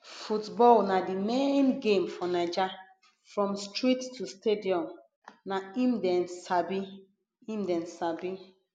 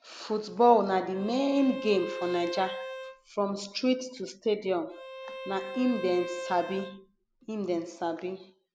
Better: first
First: none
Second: background sound (Bowed string instrument); 11 dB below the speech

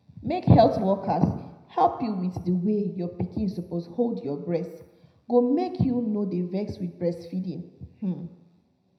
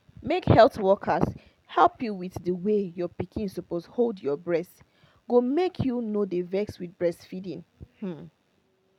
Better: second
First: room echo; dies away in 0.7 s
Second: none

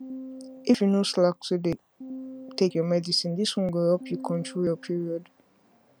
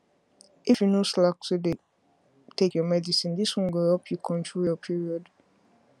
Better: second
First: background sound (Piano); 17 dB below the speech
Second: none

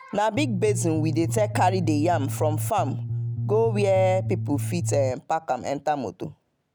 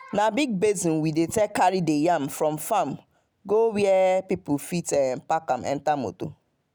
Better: second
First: background sound (Bass guitar); 3 dB below the speech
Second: none

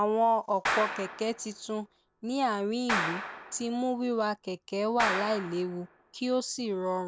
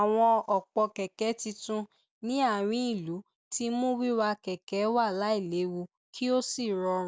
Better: second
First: background sound (Clapping); 6 dB below the speech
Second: none

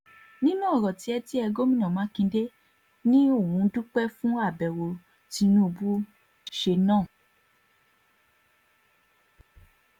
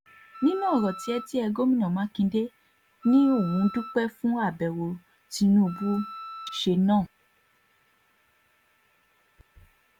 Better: first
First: none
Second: background sound (Wind instrument, woodwind instrument); 14 dB below the speech

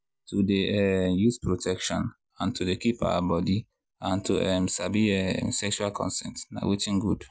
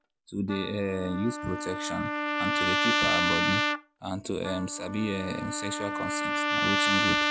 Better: first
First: none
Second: background sound (Trumpet); 3 dB above the speech

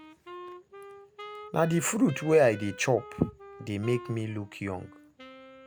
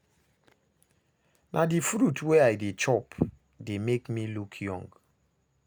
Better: second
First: background sound (Wind instrument, woodwind instrument); 17 dB below the speech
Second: none

